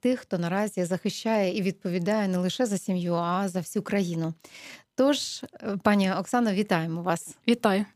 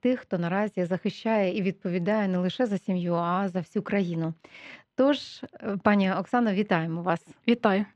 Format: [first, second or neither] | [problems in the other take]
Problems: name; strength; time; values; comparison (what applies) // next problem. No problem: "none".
first | muffled; slightly; fading above 2.5 kHz